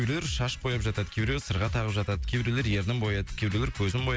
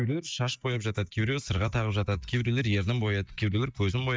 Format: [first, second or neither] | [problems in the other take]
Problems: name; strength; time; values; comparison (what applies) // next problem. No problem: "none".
first | noise reduction (neural mask model DeepFilterNet 3)